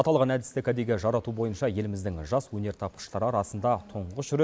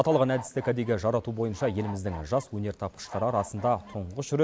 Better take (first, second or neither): first